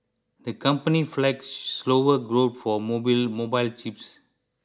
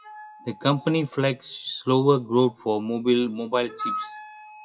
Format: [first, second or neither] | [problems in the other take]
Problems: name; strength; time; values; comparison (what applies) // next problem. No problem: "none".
first | noise reduction (classical method WPE with log-MMSE)